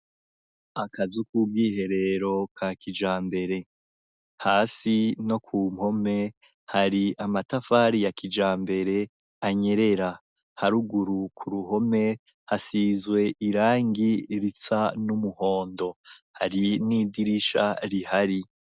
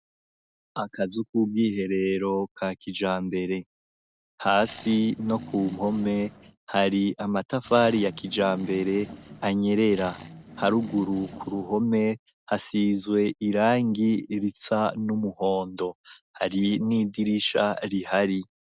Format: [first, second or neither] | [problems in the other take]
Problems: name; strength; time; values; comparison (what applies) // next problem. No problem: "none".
first | noise reduction (neural separator model SepFormer DNS4)